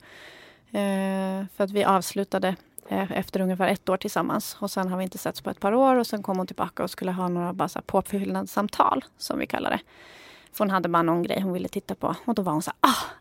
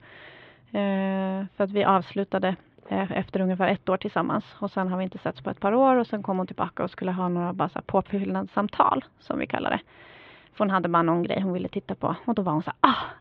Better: first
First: none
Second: muffled; very; fading above 3.5 kHz

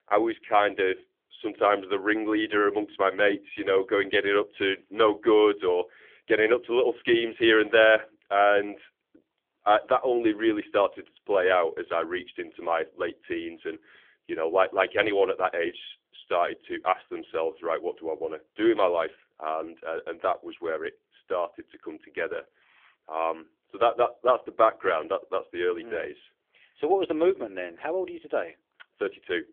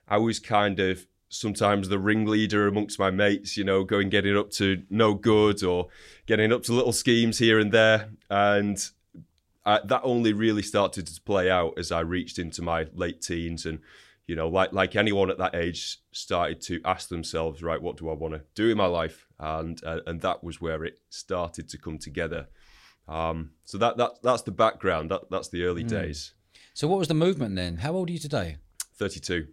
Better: second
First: phone-call audio; nothing above 3.5 kHz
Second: none

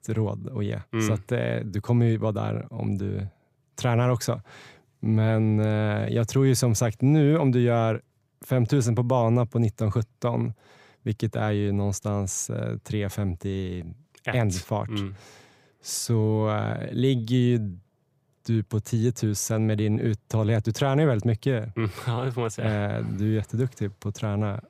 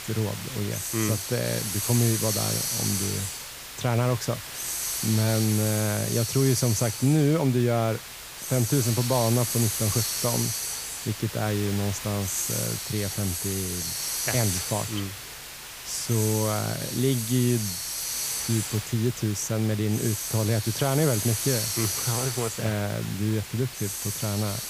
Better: first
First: none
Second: hiss; loud; throughout; 2 dB below the speech

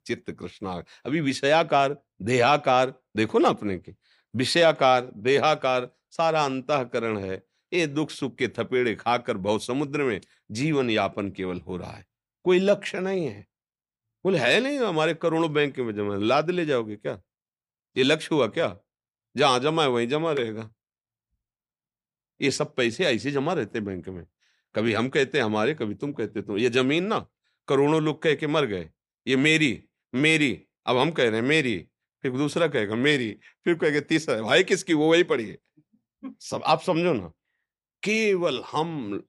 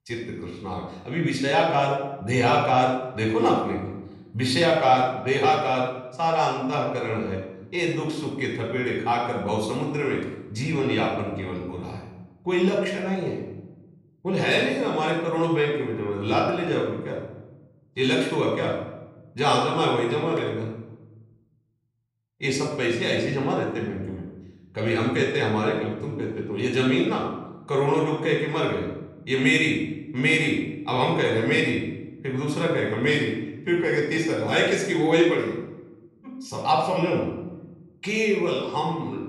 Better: first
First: none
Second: off-mic speech; somewhat distant // room echo; noticeable; dies away in 0.8 s

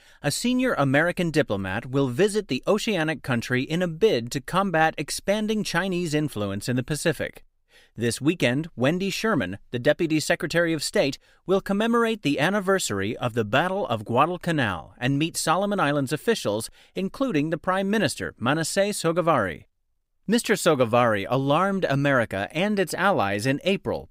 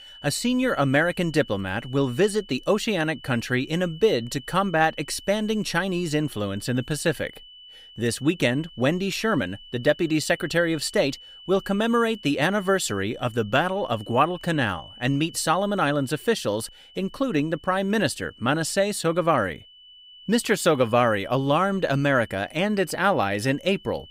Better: first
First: none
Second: high-pitched whine; faint; throughout; 3 kHz, 20 dB below the speech

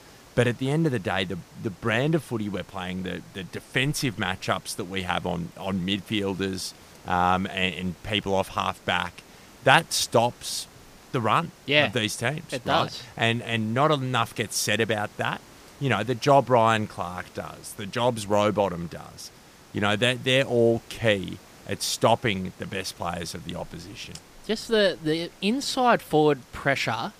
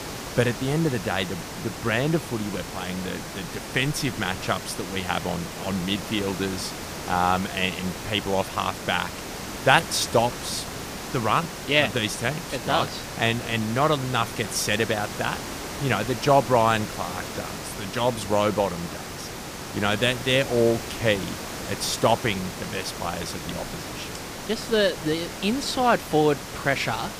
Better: first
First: hiss; faint; throughout; 25 dB below the speech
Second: hiss; loud; throughout; 9 dB below the speech

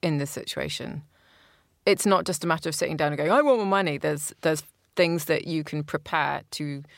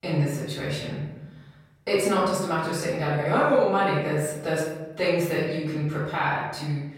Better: first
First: none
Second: off-mic speech; far // room echo; noticeable; dies away in 1.1 s

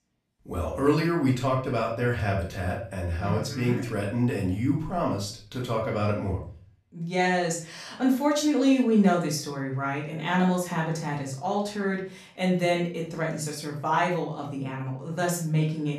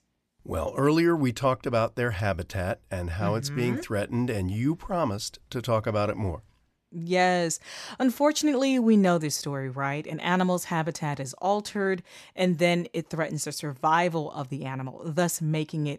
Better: second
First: off-mic speech; far // room echo; slight; dies away in 0.4 s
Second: none

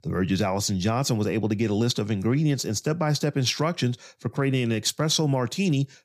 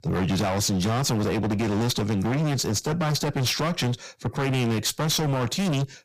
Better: first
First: none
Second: distortion; heavy; 37% of the sound clipped

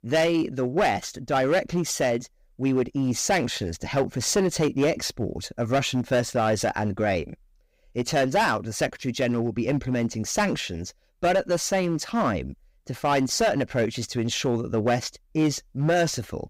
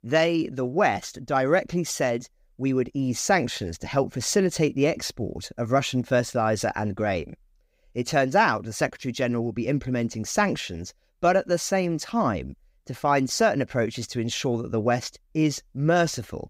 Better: second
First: distortion; slight; 7% of the sound clipped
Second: none

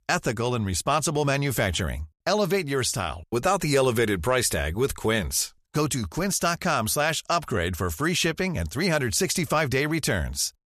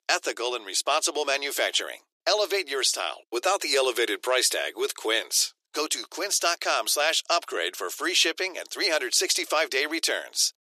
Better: first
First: none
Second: thin; very; fading below 350 Hz

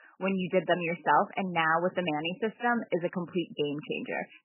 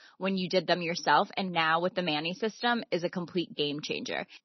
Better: second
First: garbled, watery; badly; nothing above 3 kHz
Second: garbled, watery; slightly; nothing above 6 kHz

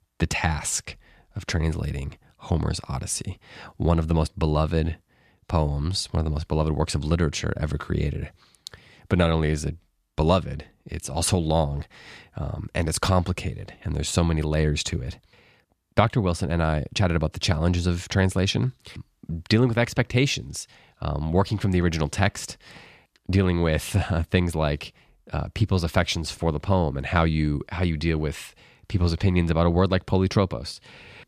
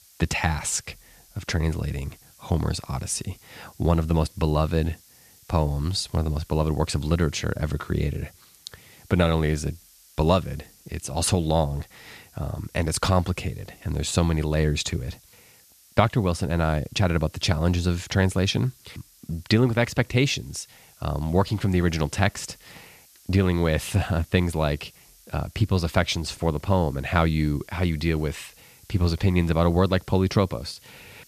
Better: first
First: none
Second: hiss; faint; throughout; 25 dB below the speech

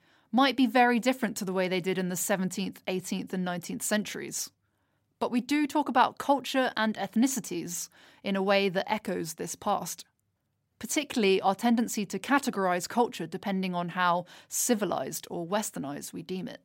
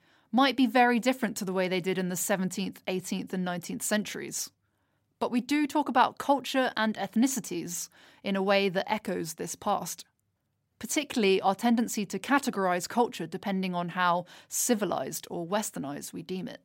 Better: neither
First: none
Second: none

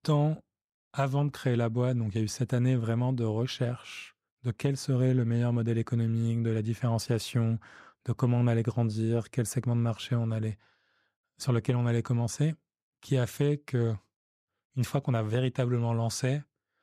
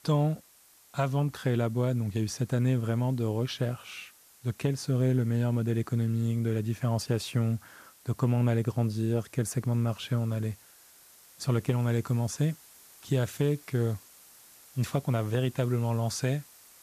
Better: first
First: none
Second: hiss; faint; throughout; 25 dB below the speech

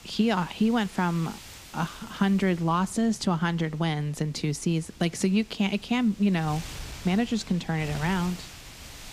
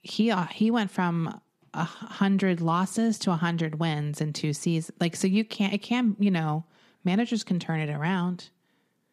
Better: second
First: wind noise on the microphone; occasional gusts; 15 dB below the speech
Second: none

